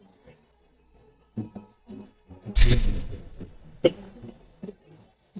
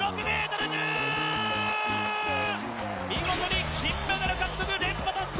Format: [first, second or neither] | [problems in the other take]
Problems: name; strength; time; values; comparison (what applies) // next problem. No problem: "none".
second | noise reduction (neural mask model DeepFilterNet 3)